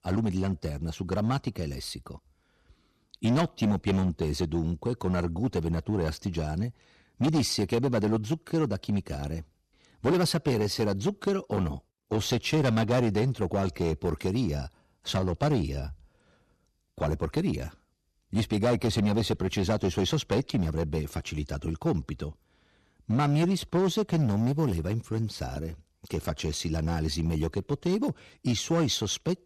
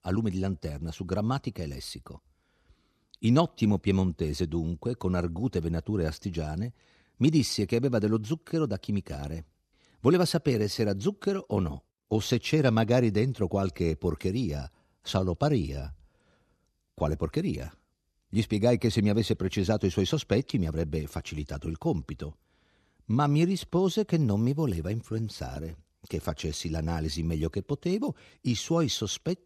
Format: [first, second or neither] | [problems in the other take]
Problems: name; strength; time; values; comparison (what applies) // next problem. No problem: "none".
second | distortion; slight; 7% of the sound clipped